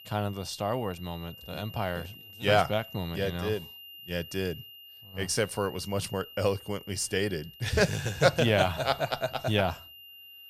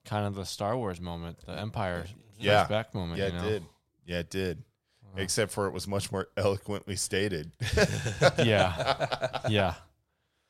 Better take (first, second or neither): second